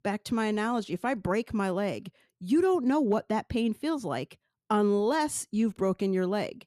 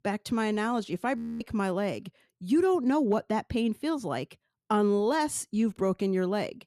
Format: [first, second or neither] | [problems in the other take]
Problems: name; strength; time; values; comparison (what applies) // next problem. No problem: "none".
first | audio freezing; at 1 s